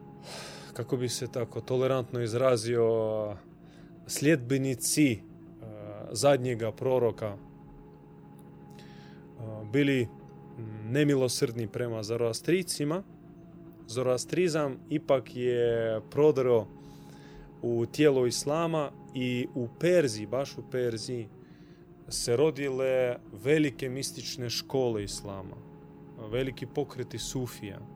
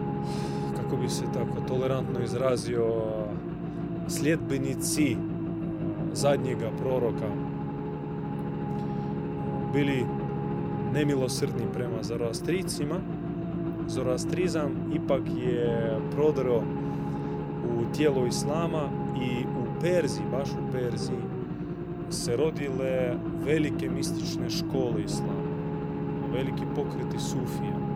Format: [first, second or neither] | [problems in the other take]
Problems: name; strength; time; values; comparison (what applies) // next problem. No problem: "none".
first | low rumble; loud; throughout; 4 dB below the speech; faint in the first